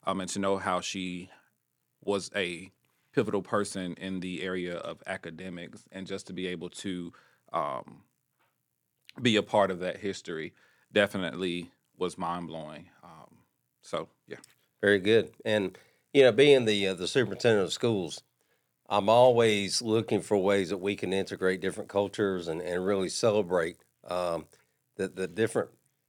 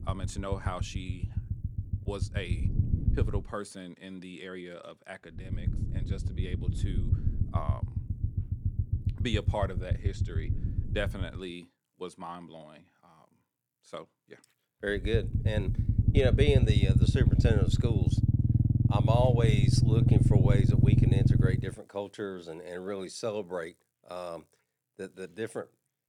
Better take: first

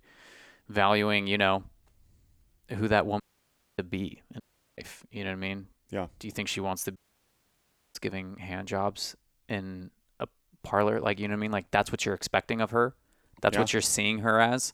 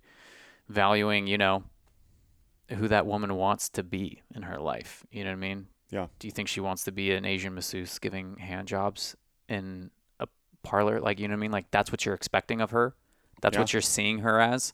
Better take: second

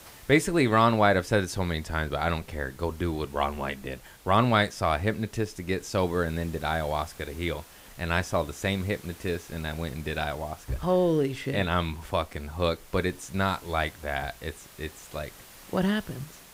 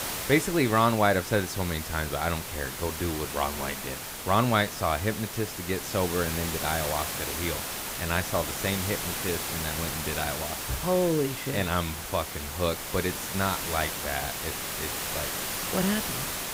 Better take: first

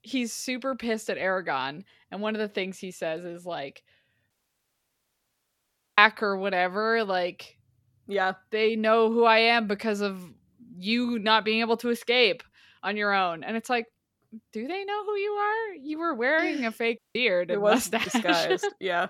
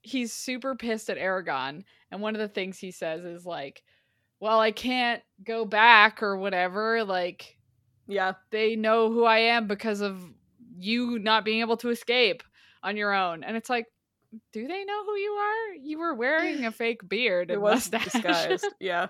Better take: second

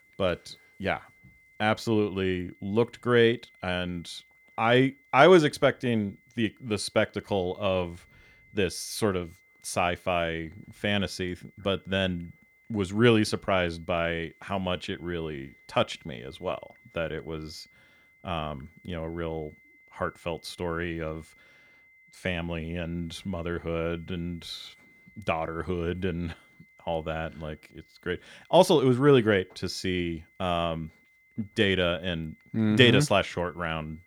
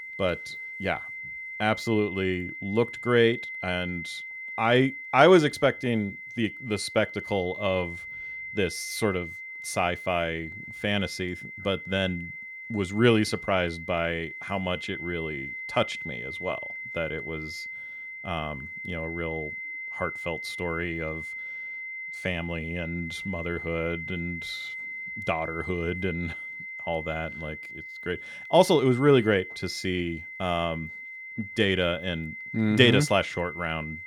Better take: first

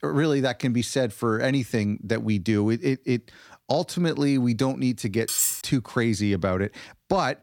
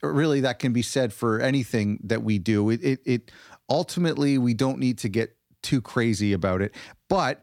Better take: second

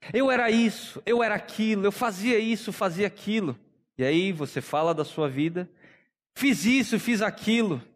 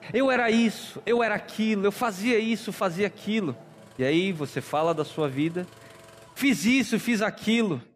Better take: first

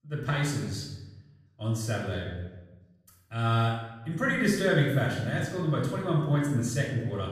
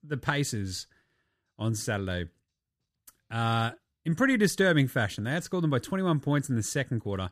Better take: second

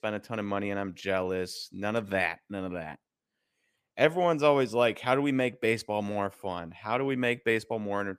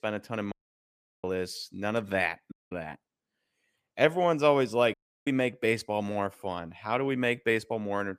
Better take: first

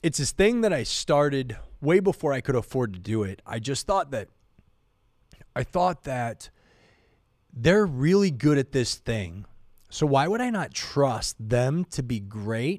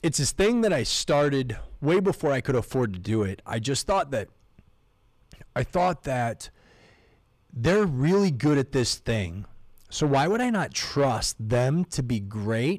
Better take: first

